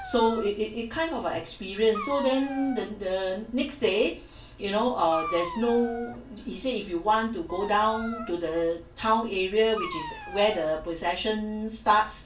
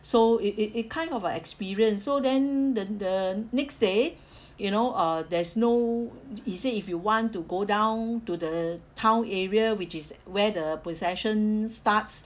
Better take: second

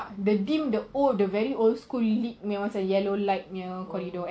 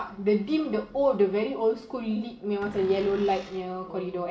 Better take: first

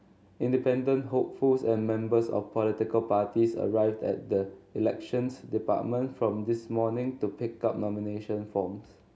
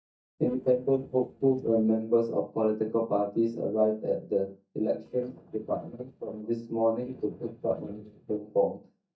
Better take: first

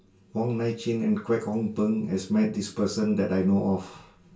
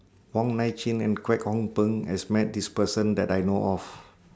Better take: second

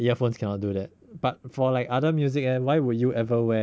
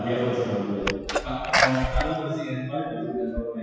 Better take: first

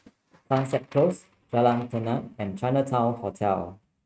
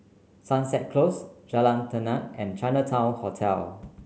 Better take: second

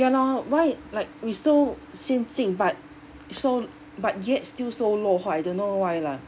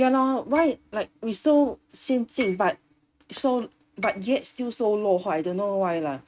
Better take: first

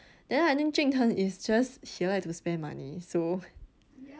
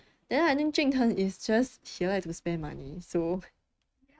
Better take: first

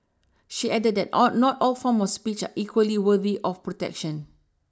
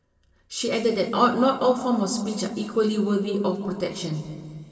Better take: first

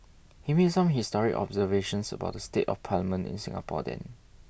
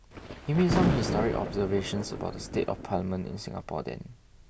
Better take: first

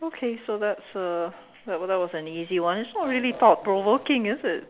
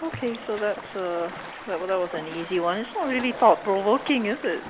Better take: first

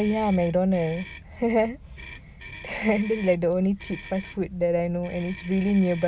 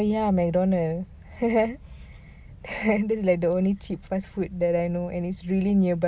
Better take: second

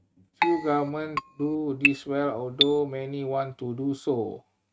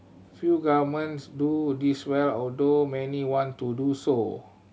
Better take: second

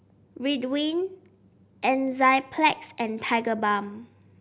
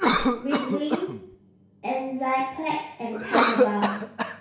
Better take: first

